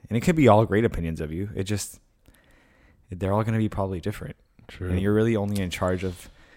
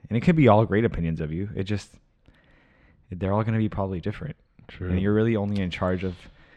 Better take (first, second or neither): first